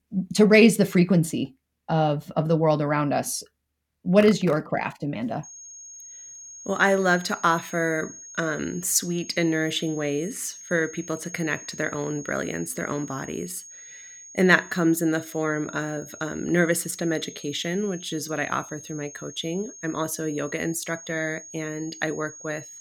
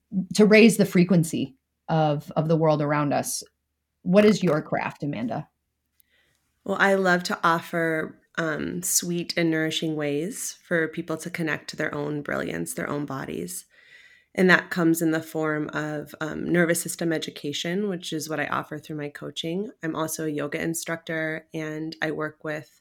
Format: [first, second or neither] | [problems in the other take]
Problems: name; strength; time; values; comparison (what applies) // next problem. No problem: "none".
second | high-pitched whine; noticeable; from 5.5 s on; 6.5 kHz, 15 dB below the speech